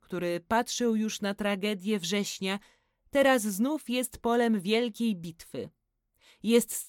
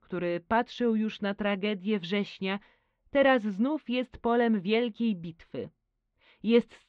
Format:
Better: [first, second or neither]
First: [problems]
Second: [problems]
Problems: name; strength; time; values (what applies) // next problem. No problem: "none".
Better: first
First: none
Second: muffled; very; fading above 3 kHz